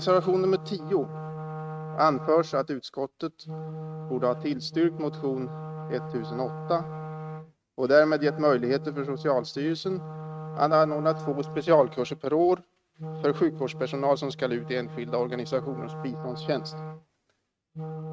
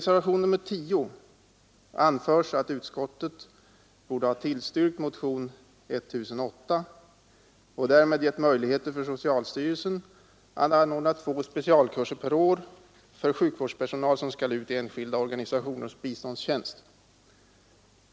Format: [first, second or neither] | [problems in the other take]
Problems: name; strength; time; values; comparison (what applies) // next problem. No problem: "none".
second | noise reduction (neural mask model RNNoise)